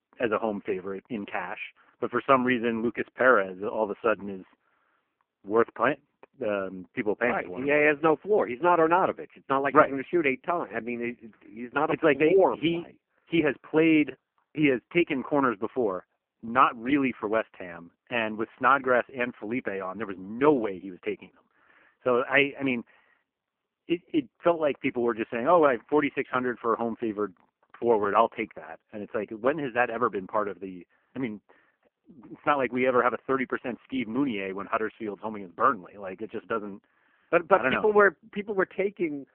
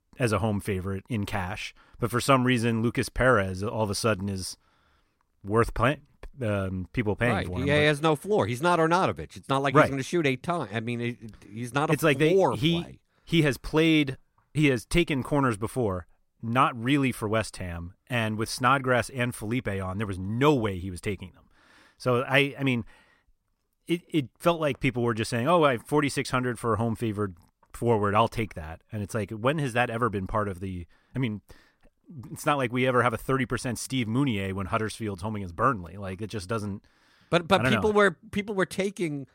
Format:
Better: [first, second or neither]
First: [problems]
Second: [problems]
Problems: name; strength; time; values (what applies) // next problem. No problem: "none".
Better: second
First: phone-call audio; poor line; nothing above 3 kHz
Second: none